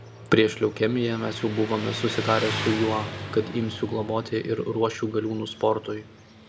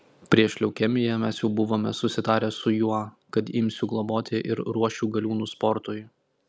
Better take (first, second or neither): second